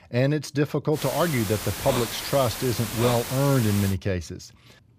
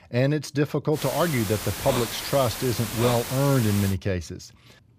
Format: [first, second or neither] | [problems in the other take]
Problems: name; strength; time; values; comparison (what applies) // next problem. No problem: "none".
neither | hiss; loud; from 1 to 4 s; 6 dB below the speech; the same in both